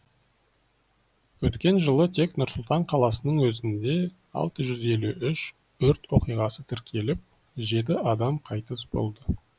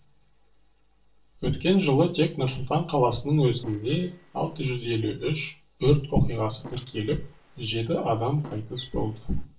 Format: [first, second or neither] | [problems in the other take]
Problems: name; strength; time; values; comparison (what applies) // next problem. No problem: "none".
first | noise reduction (neural separator model SepFormer DNS4)